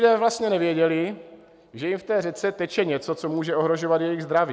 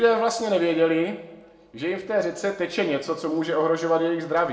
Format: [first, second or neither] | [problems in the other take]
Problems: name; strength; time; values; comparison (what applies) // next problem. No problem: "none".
first | room echo; dies away in 0.6 s